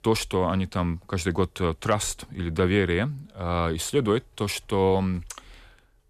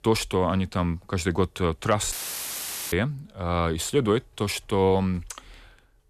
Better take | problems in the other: first | audio cutting out; filled with static; at 2 s for 1 s

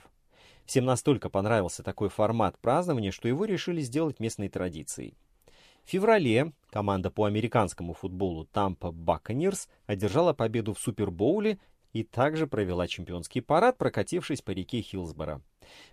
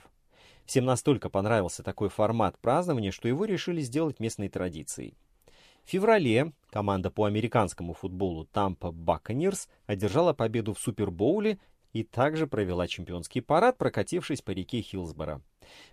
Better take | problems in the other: neither | none

